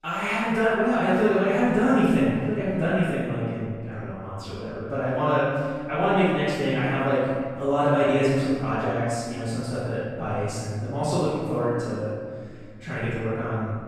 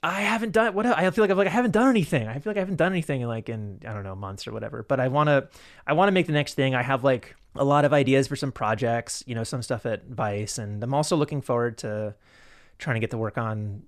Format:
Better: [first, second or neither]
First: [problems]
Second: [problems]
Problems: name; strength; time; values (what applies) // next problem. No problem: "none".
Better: second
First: room echo; strong; dies away in 1.8 s // off-mic speech; far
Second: none